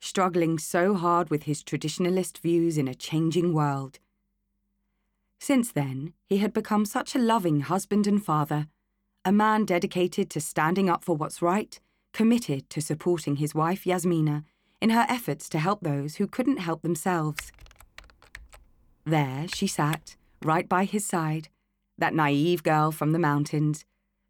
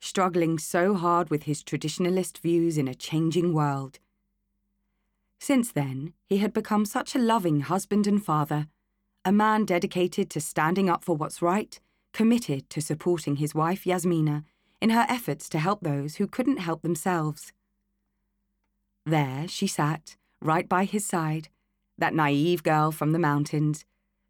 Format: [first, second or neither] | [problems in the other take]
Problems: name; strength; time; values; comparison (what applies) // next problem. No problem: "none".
second | keyboard typing; faint; from 17 to 20 s; peak 15 dB below the speech